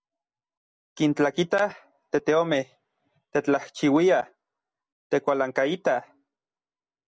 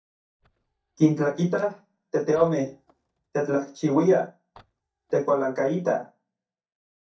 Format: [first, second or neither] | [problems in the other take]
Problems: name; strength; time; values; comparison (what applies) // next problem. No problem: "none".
first | noise reduction (neural mask model DeepFilterNet 3)